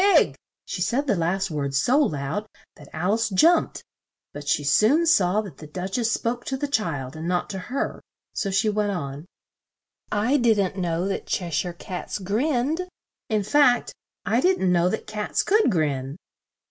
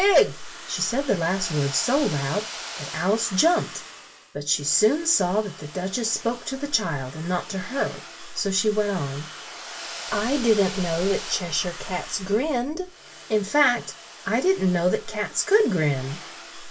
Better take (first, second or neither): first